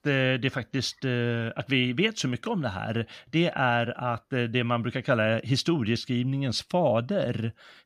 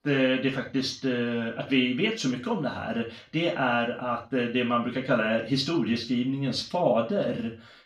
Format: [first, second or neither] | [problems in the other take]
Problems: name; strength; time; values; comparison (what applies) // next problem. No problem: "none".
first | room echo; slight; dies away in 0.3 s // off-mic speech; far